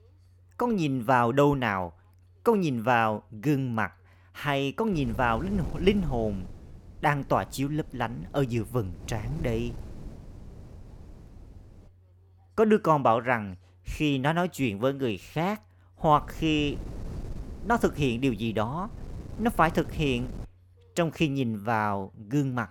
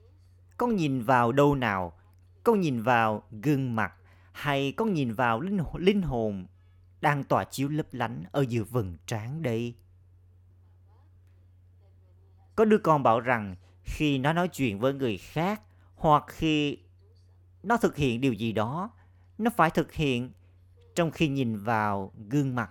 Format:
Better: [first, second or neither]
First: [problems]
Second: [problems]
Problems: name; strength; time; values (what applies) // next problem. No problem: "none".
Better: second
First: wind noise on the microphone; occasional gusts; from 5 to 12 s and from 16 to 20 s; 25 dB below the speech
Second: none